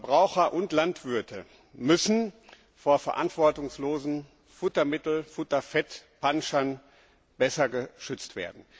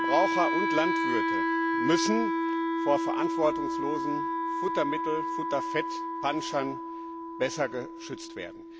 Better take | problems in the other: first | background sound (Wind instrument, woodwind instrument); 2 dB above the speech

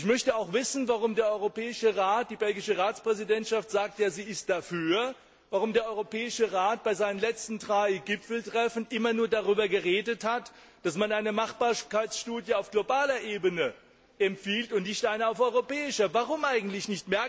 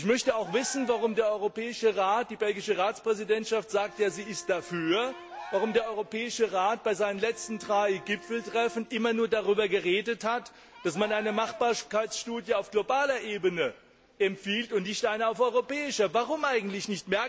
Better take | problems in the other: first | background sound (Cheering + Bowed string instrument); 18 dB below the speech

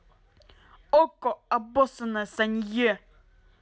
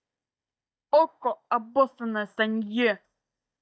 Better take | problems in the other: first | noise reduction (neural mask model DeepFilterNet 3)

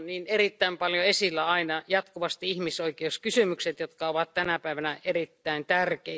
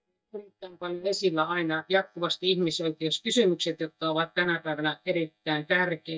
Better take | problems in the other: first | noise reduction (neural mask model DeepFilterNet 3)

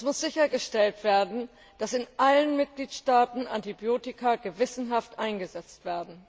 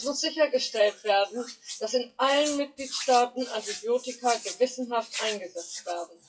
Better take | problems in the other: first | noise reduction (classical method WPE with log-MMSE)

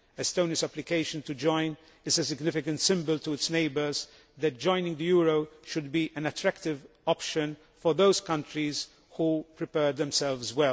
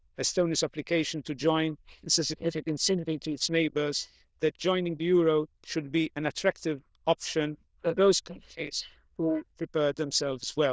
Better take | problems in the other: first | noise reduction (neural diffusion model UNIVERSE++)

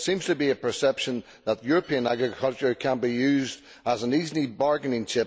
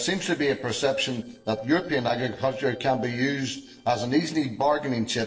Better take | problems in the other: first | noise reduction (neural separator model SepFormer DNS4)

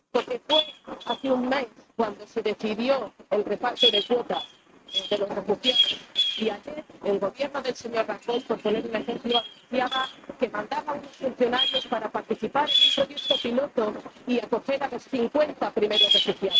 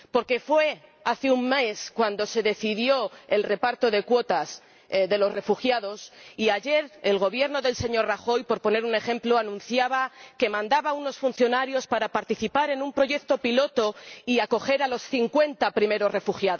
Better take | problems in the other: second | noise reduction (neural mask model RNNoise)

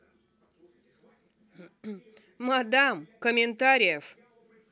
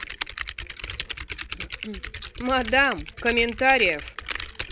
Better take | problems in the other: first | background sound (Typing); 9 dB below the speech

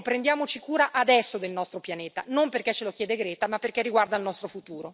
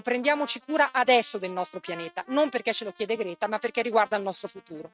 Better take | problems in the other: first | noise reduction (neural mask model RNNoise)

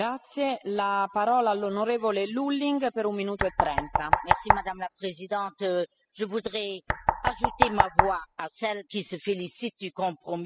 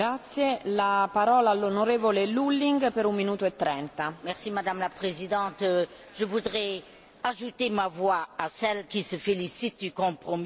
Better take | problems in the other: second | noise reduction (classical method spectral subtraction)

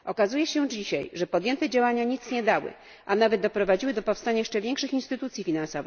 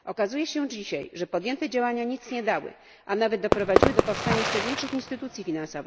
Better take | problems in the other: first | background sound (Fireworks); 3 dB above the speech

